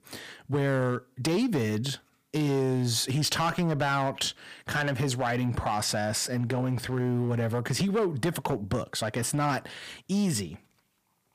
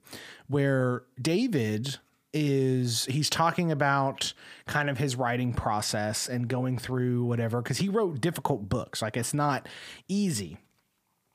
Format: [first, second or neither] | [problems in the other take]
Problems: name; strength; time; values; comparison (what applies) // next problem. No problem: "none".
second | distortion; slight; 8% of the sound clipped